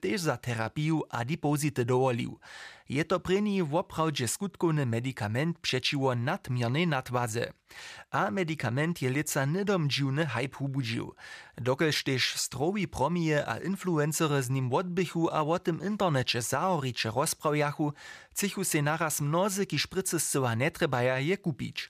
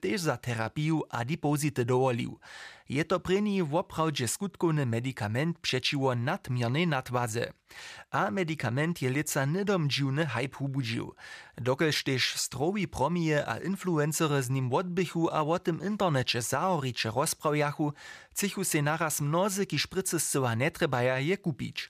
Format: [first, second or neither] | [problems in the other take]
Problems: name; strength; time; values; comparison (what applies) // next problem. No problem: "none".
neither | none